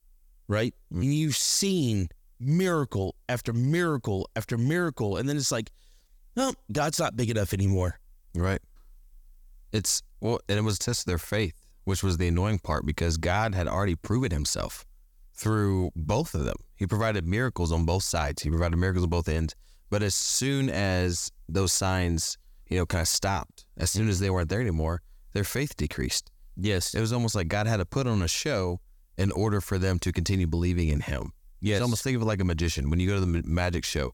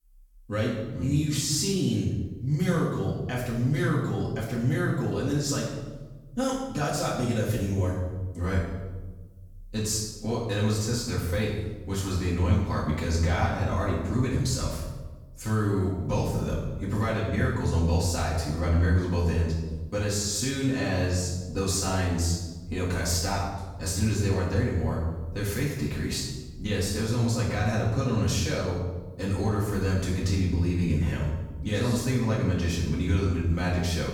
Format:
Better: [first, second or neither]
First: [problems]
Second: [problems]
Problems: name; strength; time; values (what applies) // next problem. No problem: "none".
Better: first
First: none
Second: off-mic speech; far // room echo; noticeable; dies away in 1.1 s